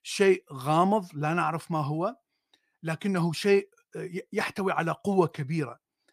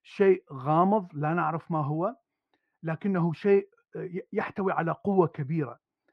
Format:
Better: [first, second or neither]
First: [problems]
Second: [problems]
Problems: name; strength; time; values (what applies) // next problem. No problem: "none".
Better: first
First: none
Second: muffled; very; fading above 4 kHz